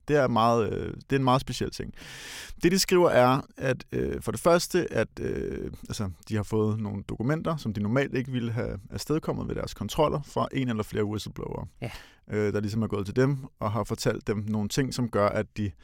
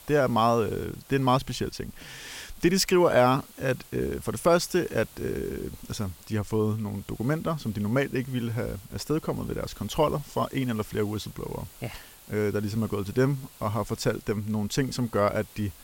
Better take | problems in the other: first | hiss; faint; throughout; 20 dB below the speech

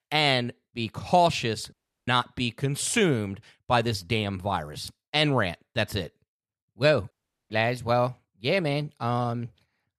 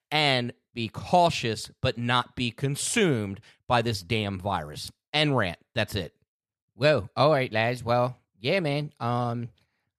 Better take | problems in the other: second | audio cutting out; at 1.5 s and at 7 s

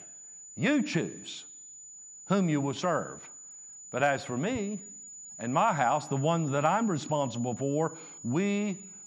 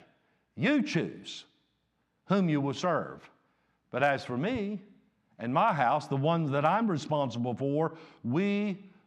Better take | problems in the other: second | high-pitched whine; noticeable; throughout; 7 kHz, 15 dB below the speech

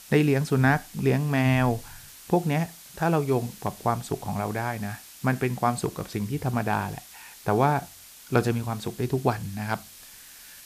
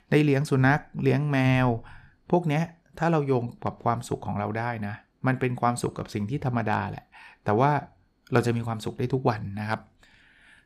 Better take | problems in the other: second | hiss; noticeable; throughout; 20 dB below the speech

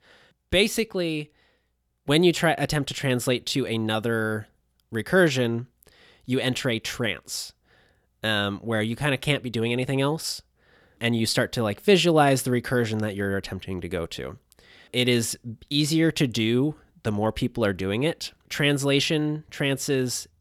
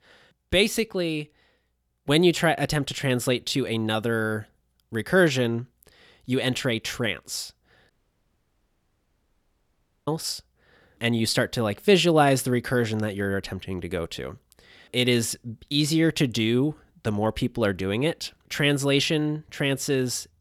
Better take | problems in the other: first | audio cutting out; at 8 s for 2 s

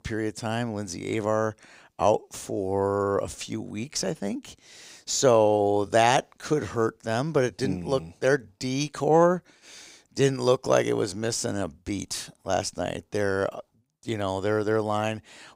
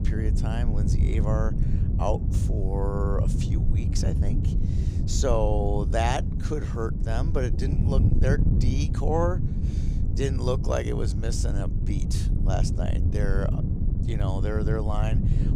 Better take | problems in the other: first | wind noise on the microphone; heavy; 7 dB below the speech

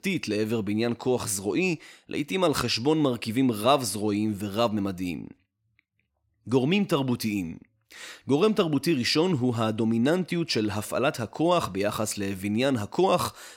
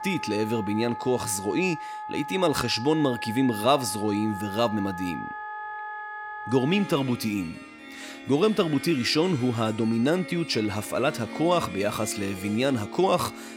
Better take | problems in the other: first | background music; noticeable; throughout; 10 dB below the speech

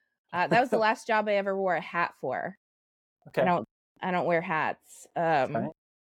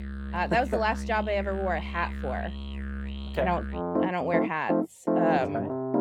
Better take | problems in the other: first | background music; loud; throughout; 2 dB below the speech

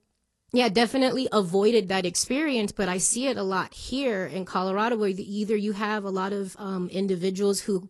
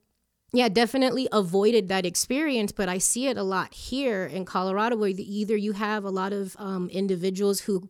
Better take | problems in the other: second | garbled, watery; slightly

